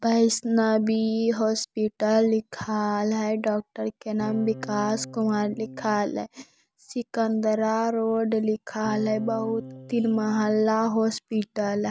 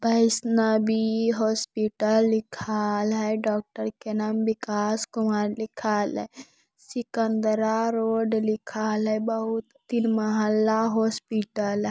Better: second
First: background sound (Electric guitar / Strum); 14 dB below the speech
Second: none

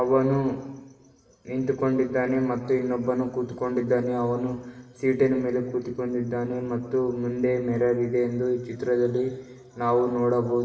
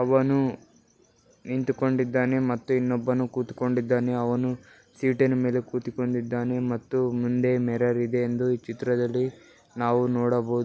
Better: second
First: room echo; dies away in 1.2 s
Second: none

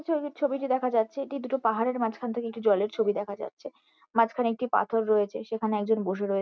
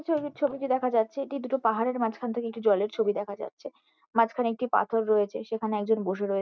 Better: first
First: none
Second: noise reduction (neural mask model DeepFilterNet 3)

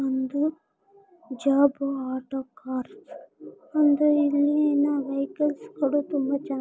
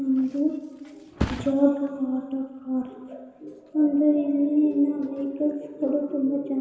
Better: first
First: none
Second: background sound (Thump, thud); 15 dB below the speech // room echo; dies away in 2.2 s

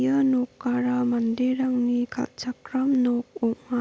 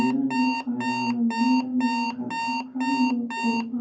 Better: first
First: none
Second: background sound (Alarm); 5 dB below the speech // room echo; dies away in 0.9 s

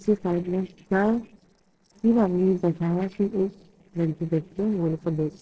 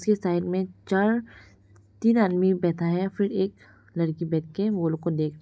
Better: second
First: noise reduction (neural separator model SepFormer DNS4)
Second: none

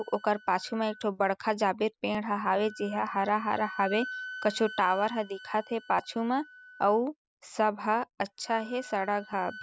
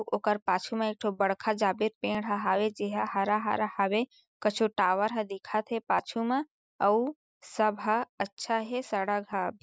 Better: second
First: background sound (Wind instrument, woodwind instrument); 17 dB below the speech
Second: none

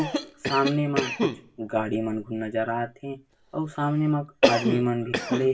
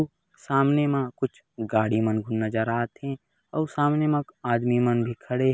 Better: second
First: background sound (Cough); 3 dB below the speech // room echo; dies away in 0.2 s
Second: none

